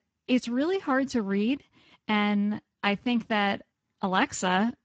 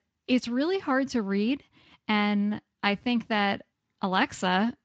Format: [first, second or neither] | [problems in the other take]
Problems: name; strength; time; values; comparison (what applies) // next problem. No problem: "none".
second | garbled, watery; badly; nothing above 7.5 kHz; slightly in the second